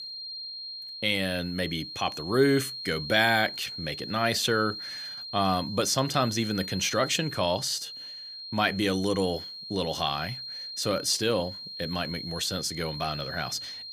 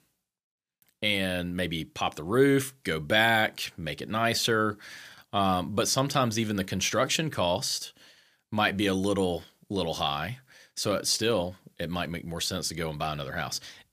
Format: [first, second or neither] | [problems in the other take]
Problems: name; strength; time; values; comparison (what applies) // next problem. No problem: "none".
second | high-pitched whine; loud; throughout; 4 kHz, 8 dB below the speech